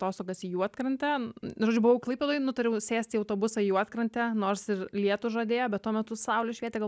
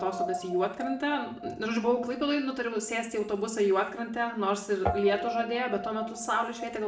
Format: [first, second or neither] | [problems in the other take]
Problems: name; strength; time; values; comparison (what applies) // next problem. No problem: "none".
first | background sound (Guitar); 8 dB below the speech // room echo; dies away in 0.5 s